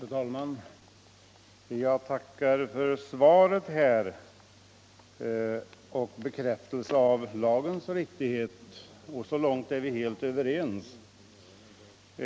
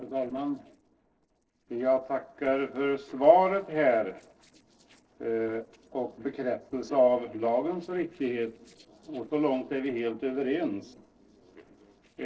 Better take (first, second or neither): first